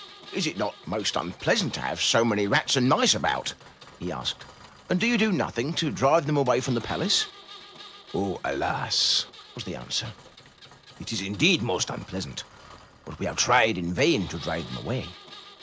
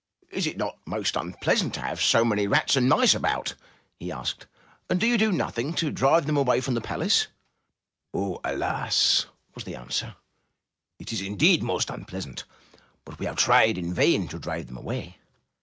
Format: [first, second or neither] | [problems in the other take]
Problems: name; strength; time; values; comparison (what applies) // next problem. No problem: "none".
second | background sound (Engine); 20 dB below the speech